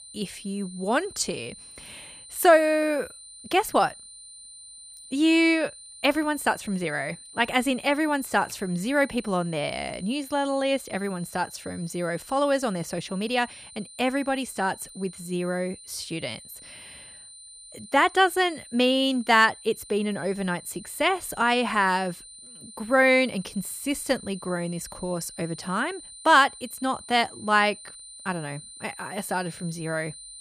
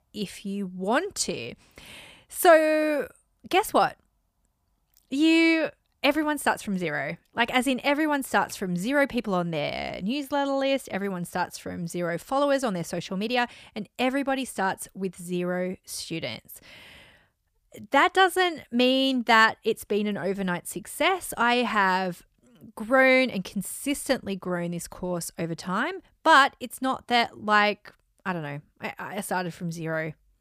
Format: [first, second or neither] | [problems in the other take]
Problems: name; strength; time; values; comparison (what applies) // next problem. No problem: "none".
second | high-pitched whine; noticeable; throughout; 9 kHz, 15 dB below the speech